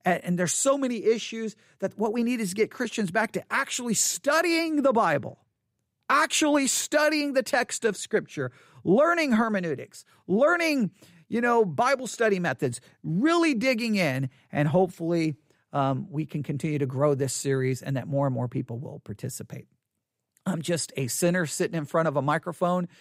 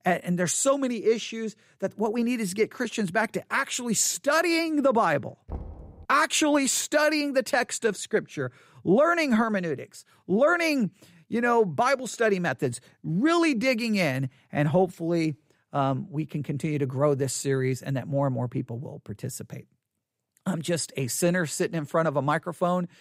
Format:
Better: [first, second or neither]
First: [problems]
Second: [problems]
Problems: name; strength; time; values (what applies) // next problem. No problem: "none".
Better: first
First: none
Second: door banging; faint; at 5.5 s; peak 15 dB below the speech